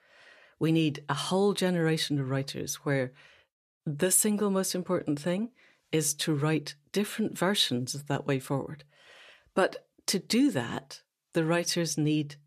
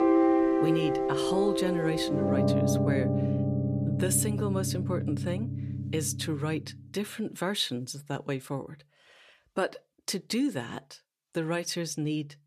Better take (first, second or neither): first